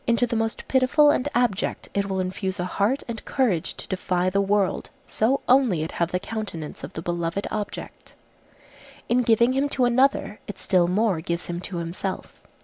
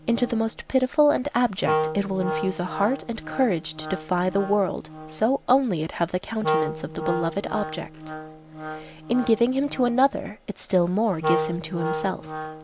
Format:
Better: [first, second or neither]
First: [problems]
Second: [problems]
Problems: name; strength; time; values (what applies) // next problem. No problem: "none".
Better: first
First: none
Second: background sound (Wind instrument, woodwind instrument); 7 dB below the speech